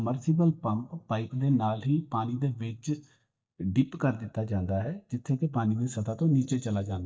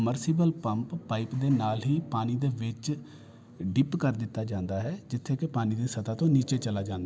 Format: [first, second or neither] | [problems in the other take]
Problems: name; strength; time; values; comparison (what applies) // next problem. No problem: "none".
second | noise reduction (neural mask model DeepFilterNet 3)